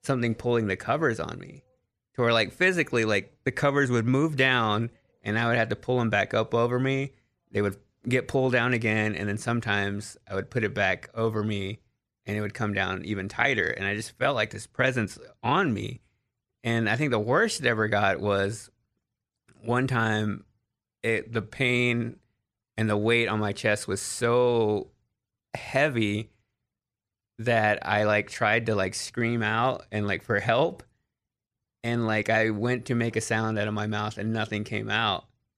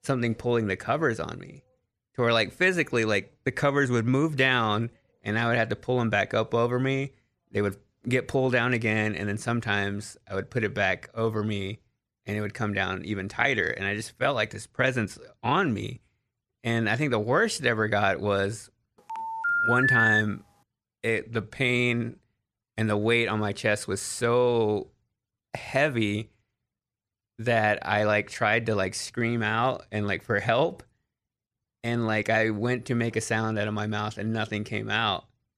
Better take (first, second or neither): first